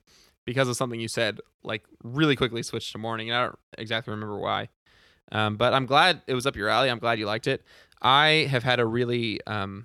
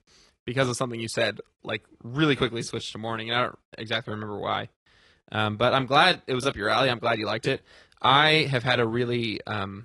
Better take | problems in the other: first | garbled, watery; slightly; nothing above 10.5 kHz

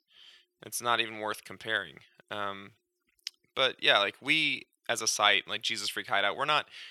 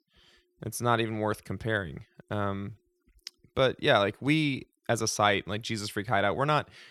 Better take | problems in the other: second | thin; somewhat; fading below 1 kHz

